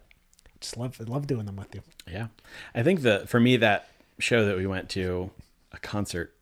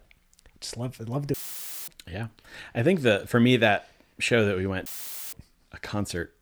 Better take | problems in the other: first | audio cutting out; filled with static; at 1.5 s for 0.5 s and at 5 s

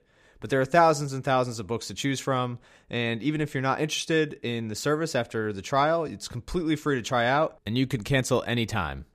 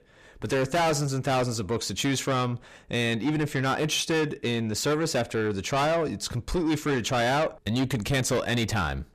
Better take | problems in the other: first | distortion; heavy; 7 dB below the speech

